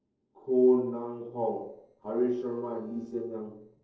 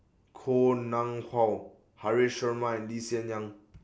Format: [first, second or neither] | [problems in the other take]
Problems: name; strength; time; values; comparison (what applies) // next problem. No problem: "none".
second | noise reduction (neural separator model SepFormer DNS4)